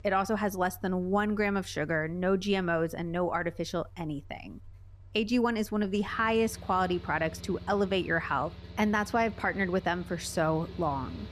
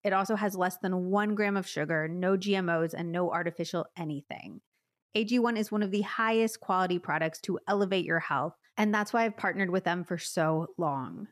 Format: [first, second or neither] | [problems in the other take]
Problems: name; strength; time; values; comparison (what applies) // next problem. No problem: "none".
second | machinery noise; noticeable; throughout; 20 dB below the speech